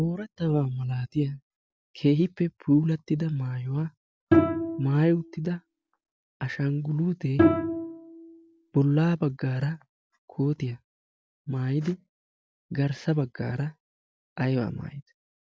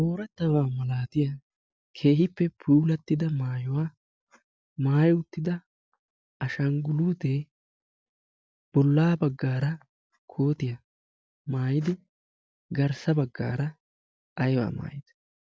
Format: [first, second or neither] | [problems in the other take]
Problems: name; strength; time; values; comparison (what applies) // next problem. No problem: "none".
second | background sound (Bowed string instrument); as loud as the speech